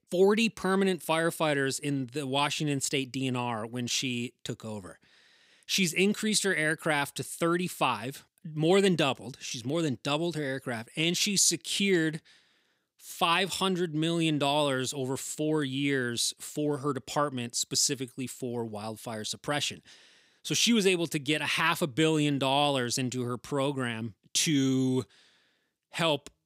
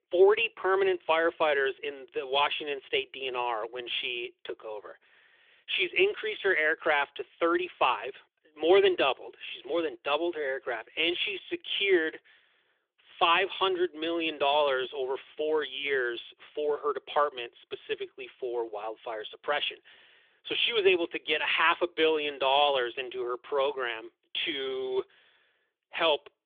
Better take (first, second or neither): first